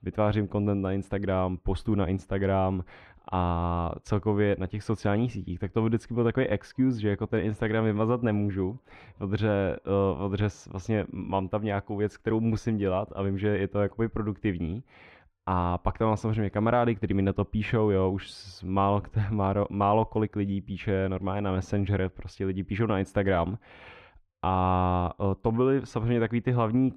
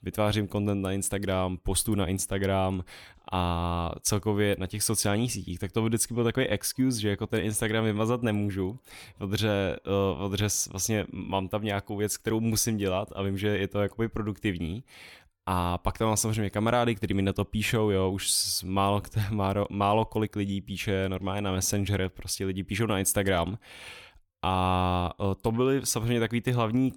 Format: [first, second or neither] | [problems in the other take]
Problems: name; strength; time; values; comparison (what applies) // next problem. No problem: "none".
second | muffled; very; fading above 2 kHz